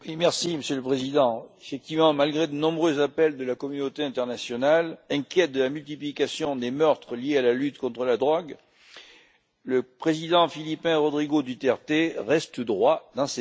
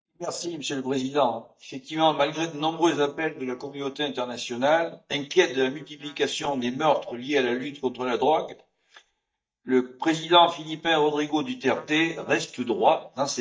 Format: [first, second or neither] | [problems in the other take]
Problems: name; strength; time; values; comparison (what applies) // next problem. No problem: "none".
first | noise reduction (neural mask model DeepFilterNet 3)